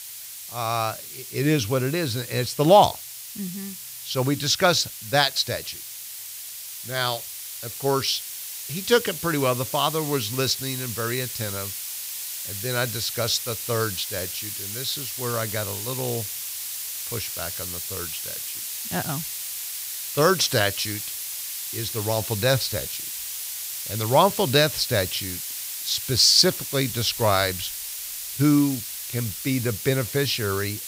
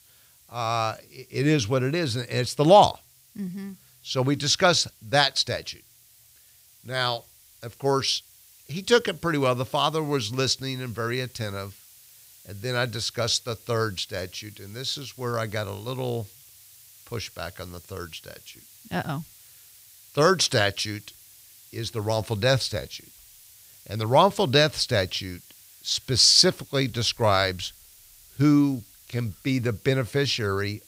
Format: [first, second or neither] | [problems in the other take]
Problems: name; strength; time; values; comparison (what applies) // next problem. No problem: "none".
second | hiss; loud; throughout; 7 dB below the speech; faint in the second